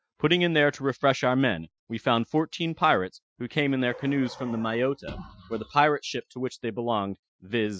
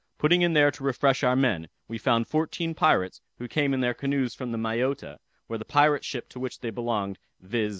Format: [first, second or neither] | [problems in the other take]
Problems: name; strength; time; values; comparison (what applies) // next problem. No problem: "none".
second | noise reduction (classical method Wiener filter)